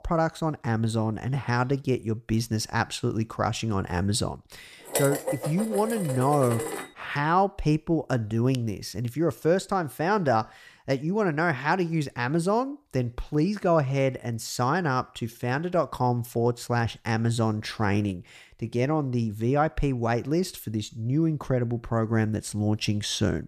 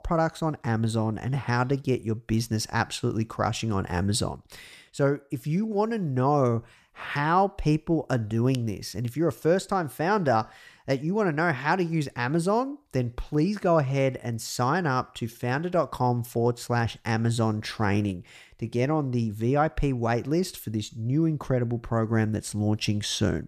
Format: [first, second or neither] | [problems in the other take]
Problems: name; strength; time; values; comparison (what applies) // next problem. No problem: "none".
second | clattering dishes; noticeable; from 5 to 7 s; peak 1 dB below the speech